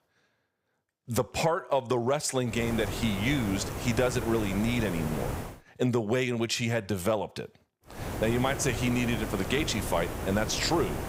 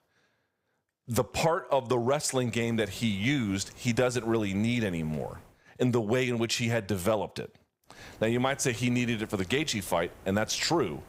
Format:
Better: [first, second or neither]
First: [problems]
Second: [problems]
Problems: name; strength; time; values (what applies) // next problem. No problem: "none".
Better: second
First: hiss; loud; from 2.5 to 5.5 s and from 8 s on; 7 dB below the speech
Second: hiss; faint; from 2.5 to 5.5 s and from 8 s on; 25 dB below the speech